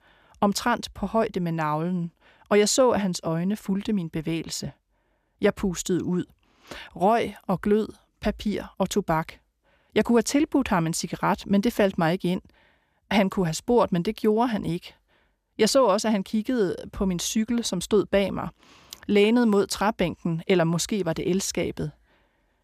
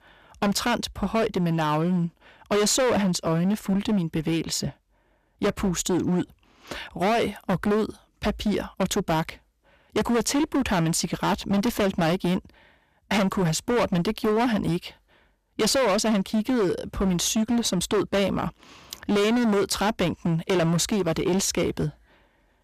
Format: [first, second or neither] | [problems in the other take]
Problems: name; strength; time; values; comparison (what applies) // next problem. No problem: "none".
first | distortion; heavy; 18% of the sound clipped